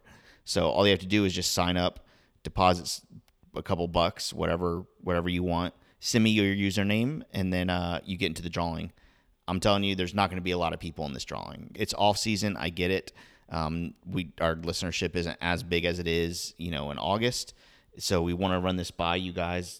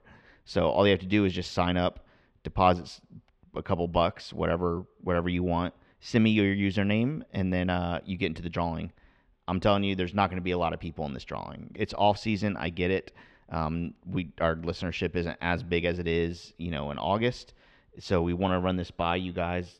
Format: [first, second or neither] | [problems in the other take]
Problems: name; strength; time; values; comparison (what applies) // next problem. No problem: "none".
first | muffled; slightly; fading above 2.5 kHz